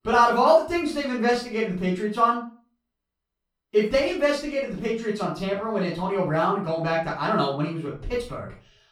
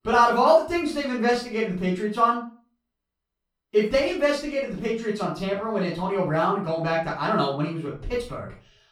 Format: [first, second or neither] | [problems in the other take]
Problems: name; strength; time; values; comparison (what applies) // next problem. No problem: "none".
neither | off-mic speech; far; the same in both // room echo; noticeable; dies away in 0.3 s; the same in both